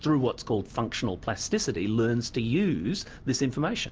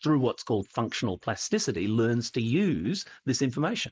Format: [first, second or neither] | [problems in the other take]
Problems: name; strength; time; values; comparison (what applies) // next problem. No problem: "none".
first | noise reduction (neural mask model Resemble Enhance denoiser)